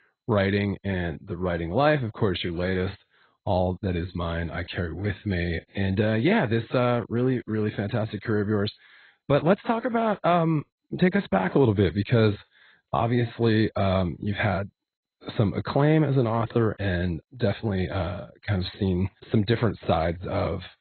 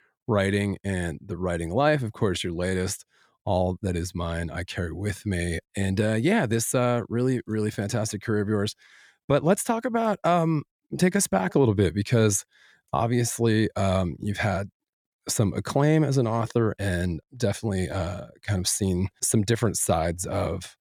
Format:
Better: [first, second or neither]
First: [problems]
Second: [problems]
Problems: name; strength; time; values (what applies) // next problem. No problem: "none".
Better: second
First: garbled, watery; badly; nothing above 4 kHz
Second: none